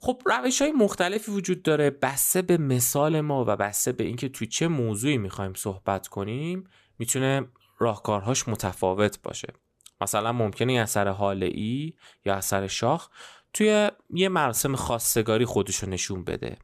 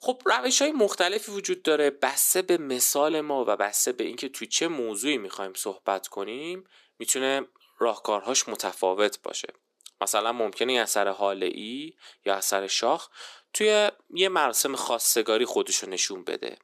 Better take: first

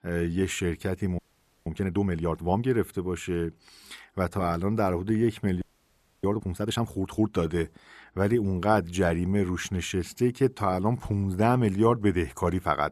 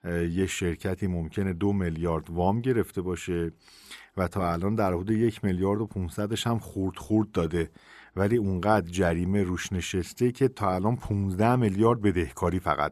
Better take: second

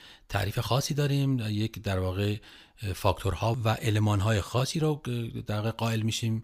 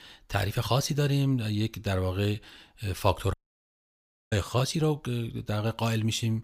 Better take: first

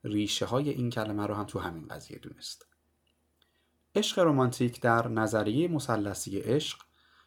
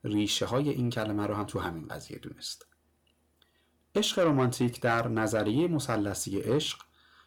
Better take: first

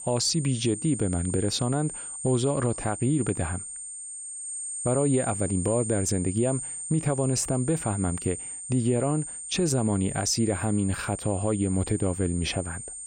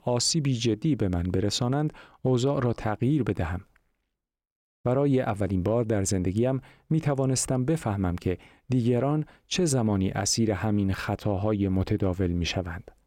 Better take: second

